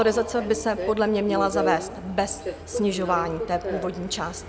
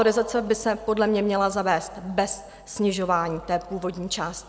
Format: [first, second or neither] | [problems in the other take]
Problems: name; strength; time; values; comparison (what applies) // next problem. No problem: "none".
second | background sound (Subway, metro, underground); 7 dB below the speech